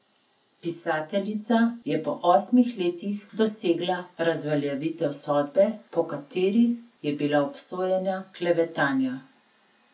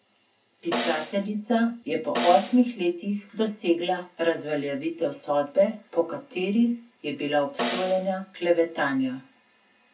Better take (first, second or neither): first